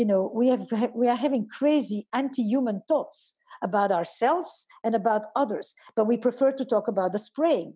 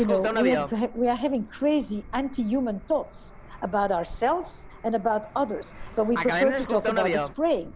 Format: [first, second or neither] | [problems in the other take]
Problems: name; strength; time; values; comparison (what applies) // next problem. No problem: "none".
first | background sound (Fixed-wing aircraft, airplane); 6 dB below the speech